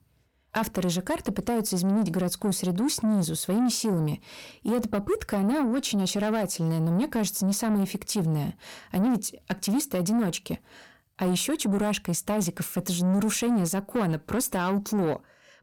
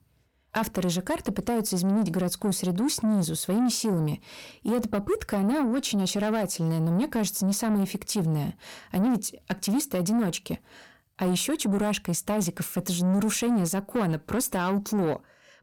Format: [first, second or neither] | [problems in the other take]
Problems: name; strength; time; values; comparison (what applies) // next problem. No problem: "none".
neither | distortion; slight; 10 dB below the speech; the same in both